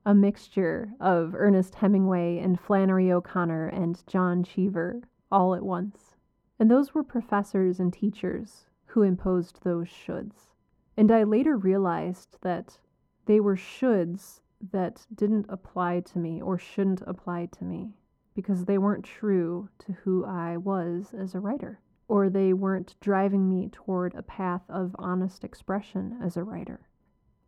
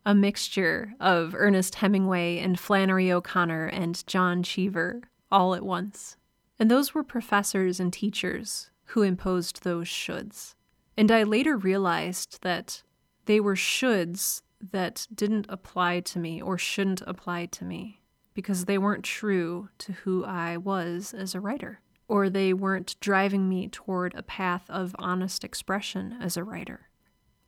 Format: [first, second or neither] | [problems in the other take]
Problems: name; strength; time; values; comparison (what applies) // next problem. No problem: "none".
second | muffled; very; fading above 1.5 kHz